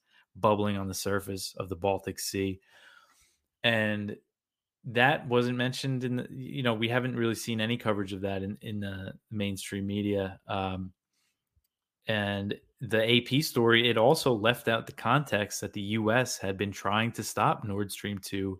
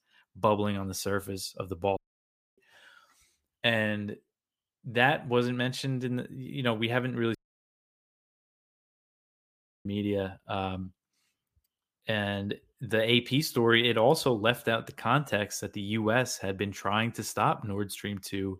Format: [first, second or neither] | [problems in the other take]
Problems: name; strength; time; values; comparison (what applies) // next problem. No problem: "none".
first | audio cutting out; at 2 s for 0.5 s and at 7.5 s for 2.5 s